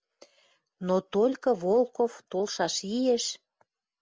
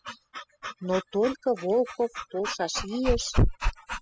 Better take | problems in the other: first | noise reduction (classical method spectral subtraction)

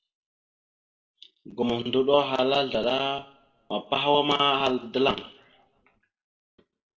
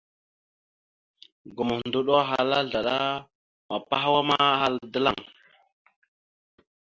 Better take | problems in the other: second | room echo; dies away in 0.6 s

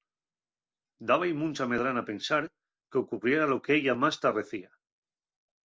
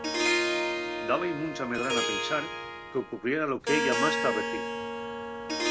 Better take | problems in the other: first | background sound (Harp); 2 dB above the speech

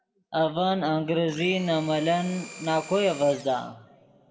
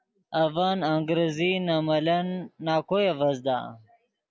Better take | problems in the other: second | background sound (Domestic sounds, home sounds); 17 dB below the speech // room echo; dies away in 2.2 s

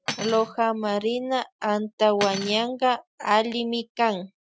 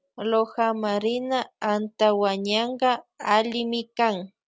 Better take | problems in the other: second | noise reduction (classical method Wiener filter)

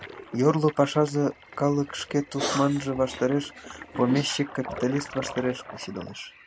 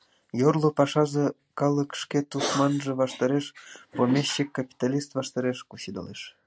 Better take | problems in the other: second | background sound (Toilet flush); 16 dB below the speech

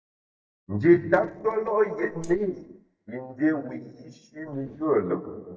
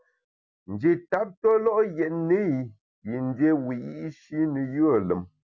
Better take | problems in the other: second | noise reduction (neural mask model DeepFilterNet 3)

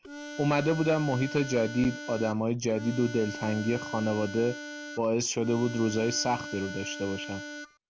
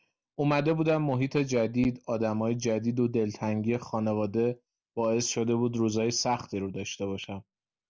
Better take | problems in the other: second | background sound (Harmonica); 11 dB below the speech

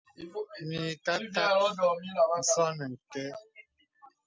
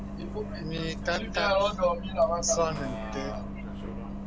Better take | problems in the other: first | background sound (Bus); 6 dB below the speech

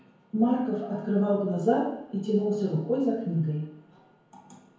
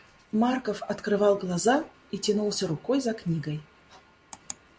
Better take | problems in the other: second | room echo; dies away in 0.9 s

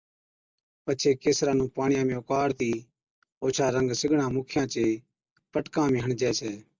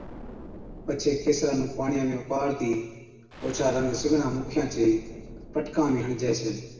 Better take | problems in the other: first | background sound (Explosion); 15 dB below the speech // room echo; dies away in 1.2 s

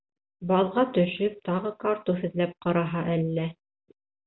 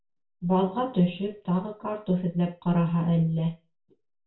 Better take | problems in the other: first | room echo; dies away in 0.2 s

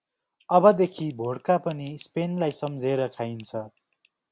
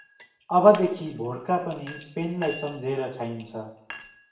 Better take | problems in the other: first | background sound (Chink, clink); 20 dB below the speech // room echo; dies away in 0.6 s

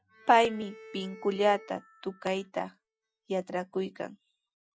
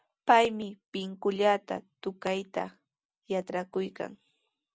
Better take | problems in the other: second | noise reduction (classical method Wiener filter)

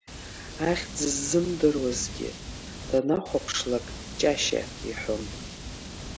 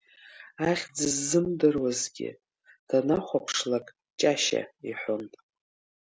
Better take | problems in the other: second | background sound (Water); 10 dB below the speech

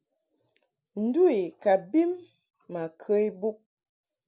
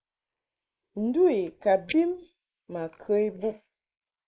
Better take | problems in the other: first | noise reduction (neural mask model Resemble Enhance denoiser)

